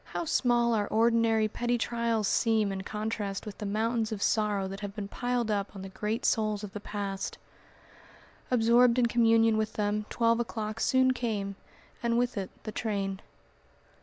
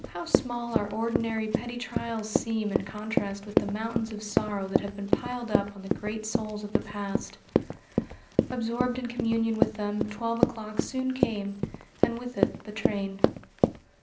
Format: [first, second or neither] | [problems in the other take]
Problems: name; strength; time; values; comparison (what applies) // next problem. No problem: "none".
first | background sound (Run); 3 dB above the speech // room echo; dies away in 0.5 s